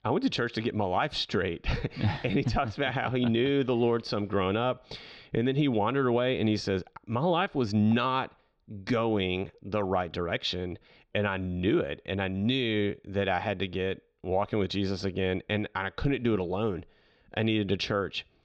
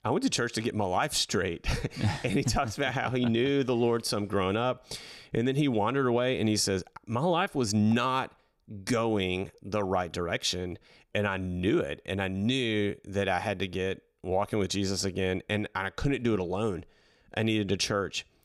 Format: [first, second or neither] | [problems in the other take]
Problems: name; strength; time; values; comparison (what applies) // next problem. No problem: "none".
second | muffled; very slightly; fading above 4 kHz